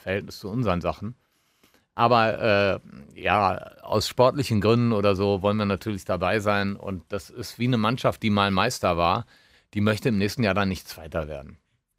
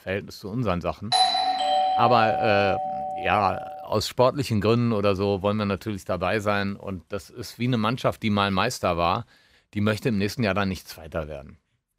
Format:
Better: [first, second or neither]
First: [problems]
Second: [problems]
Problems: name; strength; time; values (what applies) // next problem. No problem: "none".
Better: first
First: none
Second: doorbell; loud; from 1 to 3.5 s; peak 5 dB above the speech